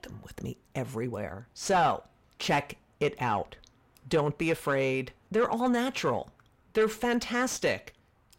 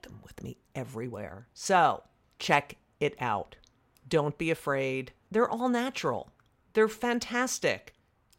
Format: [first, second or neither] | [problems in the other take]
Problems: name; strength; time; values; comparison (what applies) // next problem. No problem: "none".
second | distortion; slight; 10 dB below the speech